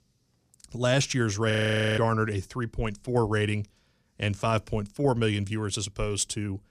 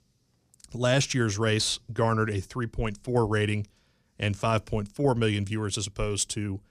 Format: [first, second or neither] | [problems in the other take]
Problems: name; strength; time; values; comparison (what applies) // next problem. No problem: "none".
second | audio freezing; at 1.5 s